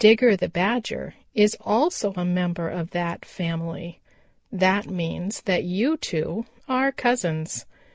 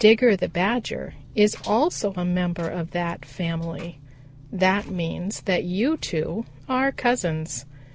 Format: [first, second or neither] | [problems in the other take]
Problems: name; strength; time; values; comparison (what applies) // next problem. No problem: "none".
first | background sound (Engine); 20 dB below the speech